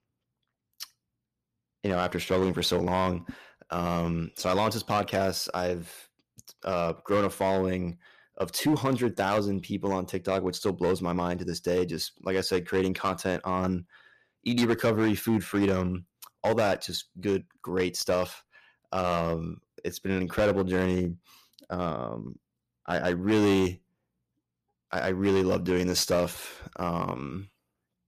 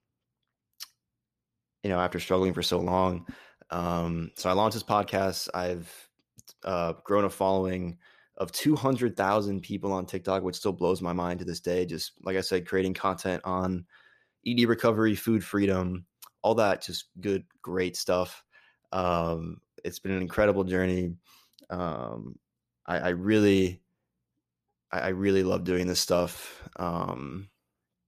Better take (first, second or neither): second